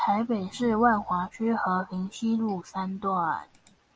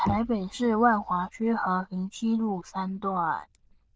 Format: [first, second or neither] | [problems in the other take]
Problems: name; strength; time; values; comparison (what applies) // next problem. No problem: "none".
first | noise reduction (neural diffusion model UNIVERSE++)